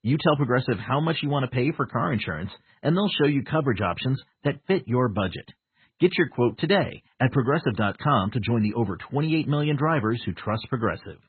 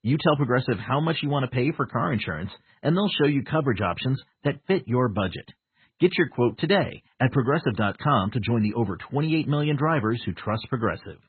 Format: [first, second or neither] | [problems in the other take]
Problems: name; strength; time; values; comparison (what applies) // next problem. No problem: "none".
neither | garbled, watery; badly; nothing above 4 kHz; the same in both